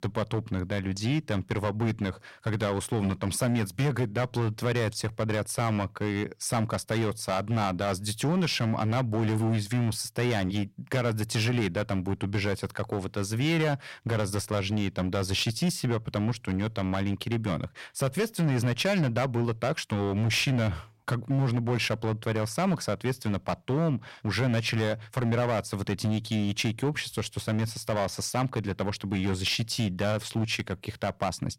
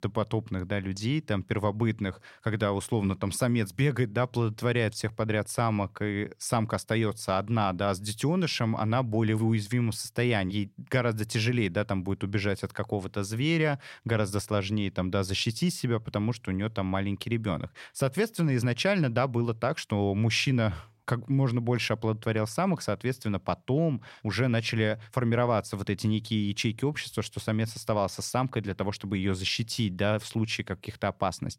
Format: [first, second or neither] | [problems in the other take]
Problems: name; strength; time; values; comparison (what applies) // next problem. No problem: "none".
second | distortion; slight; 11% of the sound clipped